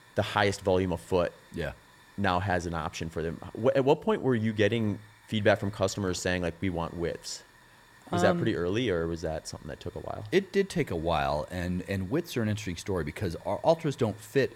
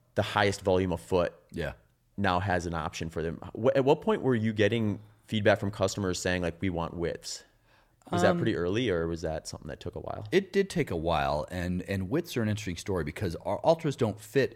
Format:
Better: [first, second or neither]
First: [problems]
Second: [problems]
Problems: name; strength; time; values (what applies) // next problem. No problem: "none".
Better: second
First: hiss; faint; throughout; 25 dB below the speech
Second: none